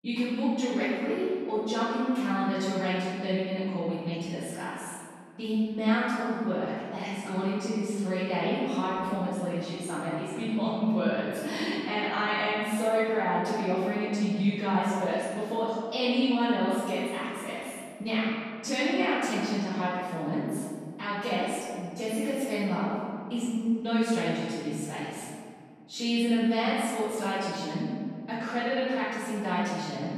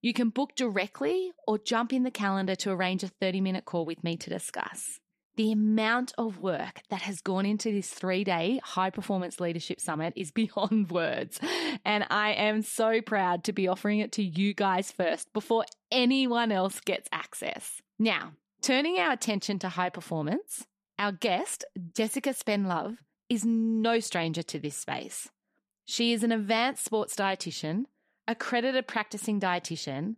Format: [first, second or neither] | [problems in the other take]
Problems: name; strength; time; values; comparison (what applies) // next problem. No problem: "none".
second | off-mic speech; far // room echo; strong; dies away in 2 s